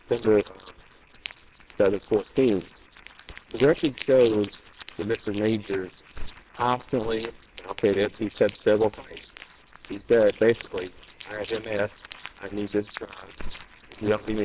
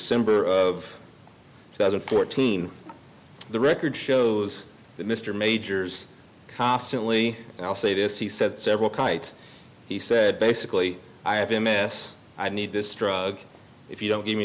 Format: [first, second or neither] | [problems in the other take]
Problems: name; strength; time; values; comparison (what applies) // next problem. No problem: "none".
second | noise reduction (neural separator model SepFormer WHAMR!)